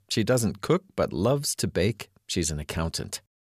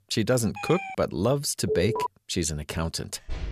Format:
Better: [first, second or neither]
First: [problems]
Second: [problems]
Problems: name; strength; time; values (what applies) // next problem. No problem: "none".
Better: first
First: none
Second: siren; noticeable; at 0.5 s; peak 8 dB below the speech // alarm; noticeable; at 1.5 s; peak 1 dB below the speech // door banging; faint; at 3 s; peak 10 dB below the speech